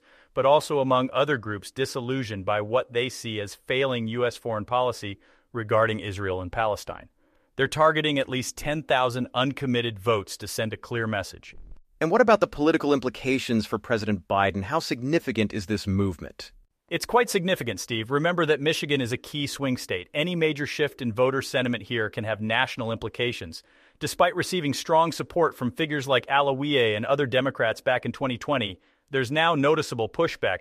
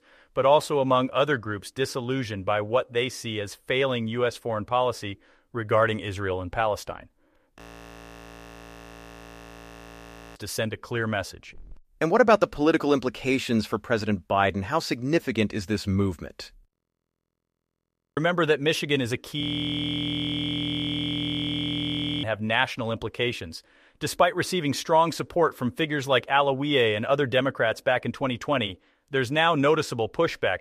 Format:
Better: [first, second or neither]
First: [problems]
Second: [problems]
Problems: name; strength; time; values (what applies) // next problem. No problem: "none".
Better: first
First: none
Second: audio freezing; at 7.5 s for 3 s, at 17 s for 1.5 s and at 19 s for 3 s